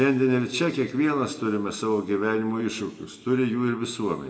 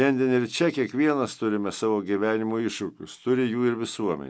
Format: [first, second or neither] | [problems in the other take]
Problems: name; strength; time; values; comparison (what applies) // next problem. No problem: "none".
second | room echo; dies away in 1.2 s